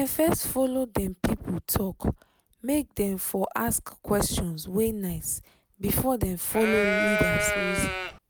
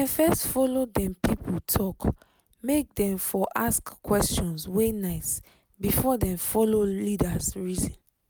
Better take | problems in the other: second | background sound (Livestock, farm animals, working animals); 1 dB above the speech

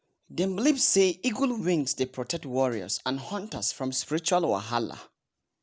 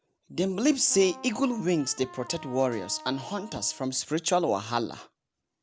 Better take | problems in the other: first | background sound (Wind instrument, woodwind instrument); 18 dB below the speech

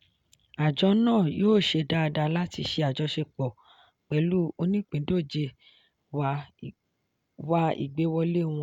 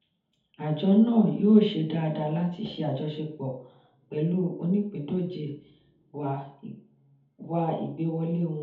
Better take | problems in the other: first | room echo; dies away in 0.6 s

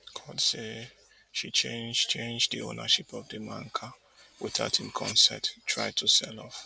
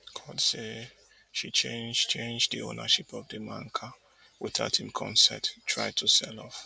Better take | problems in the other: second | background sound (Cutlery, silverware); 18 dB below the speech

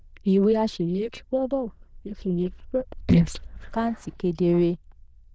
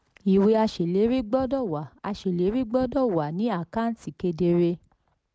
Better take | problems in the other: second | noise reduction (neural diffusion model UNIVERSE++)

